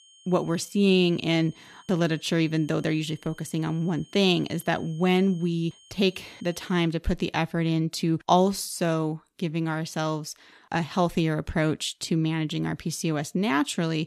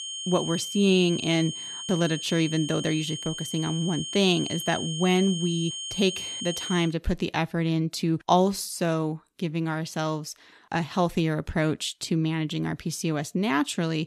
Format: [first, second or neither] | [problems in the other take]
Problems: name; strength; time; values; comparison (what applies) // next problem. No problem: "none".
first | high-pitched whine; loud; until 7 s; 3 kHz, 6 dB below the speech; faint in the first